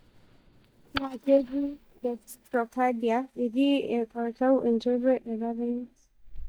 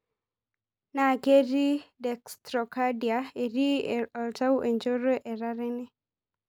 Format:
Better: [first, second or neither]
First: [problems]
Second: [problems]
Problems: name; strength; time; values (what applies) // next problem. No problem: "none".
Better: second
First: noise reduction (neural mask model DeepFilterNet 3)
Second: none